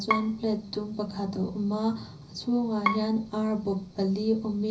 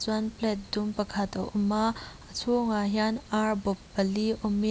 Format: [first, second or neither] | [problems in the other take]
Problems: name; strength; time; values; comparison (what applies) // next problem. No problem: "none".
second | background sound (Bowed string instrument); 7 dB below the speech // room echo; dies away in 0.5 s